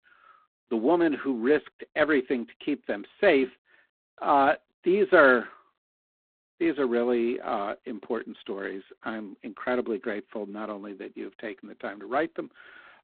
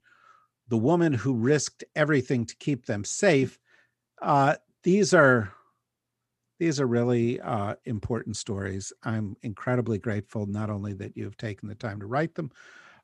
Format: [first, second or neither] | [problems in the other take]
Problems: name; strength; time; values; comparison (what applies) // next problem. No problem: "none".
second | phone-call audio; poor line; nothing above 4 kHz